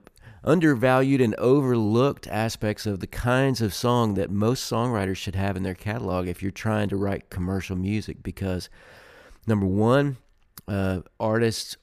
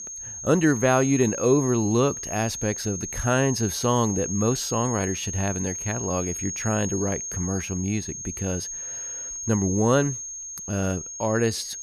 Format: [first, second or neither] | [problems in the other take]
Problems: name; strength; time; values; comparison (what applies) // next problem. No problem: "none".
first | high-pitched whine; loud; throughout; 6.5 kHz, 6 dB below the speech